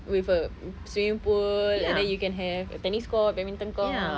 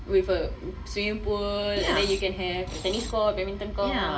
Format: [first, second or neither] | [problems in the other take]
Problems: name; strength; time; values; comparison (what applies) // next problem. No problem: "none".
first | background sound (Screech); 14 dB below the speech // room echo; dies away in 0.5 s